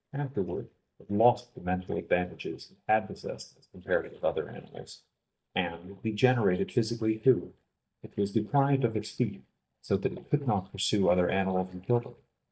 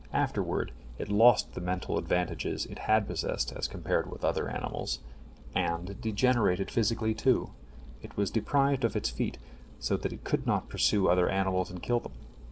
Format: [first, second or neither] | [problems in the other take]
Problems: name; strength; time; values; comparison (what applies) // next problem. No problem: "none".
second | noise reduction (neural mask model DeepFilterNet 3)